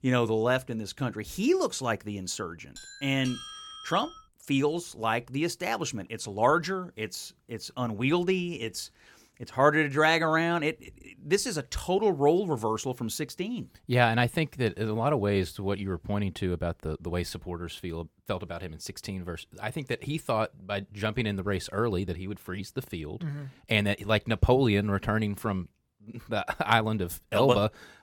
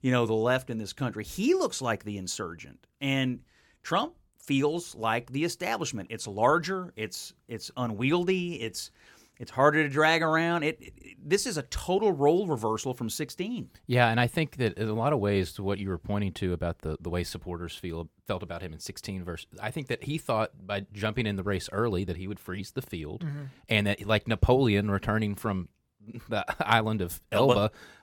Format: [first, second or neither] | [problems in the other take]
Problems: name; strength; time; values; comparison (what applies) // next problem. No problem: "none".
second | doorbell; faint; from 3 to 4 s; peak 10 dB below the speech